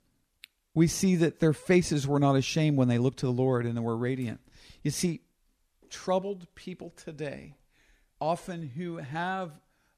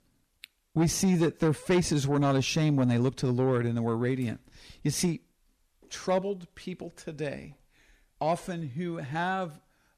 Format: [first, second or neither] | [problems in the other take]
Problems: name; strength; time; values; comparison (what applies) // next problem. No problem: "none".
first | distortion; slight; 10 dB below the speech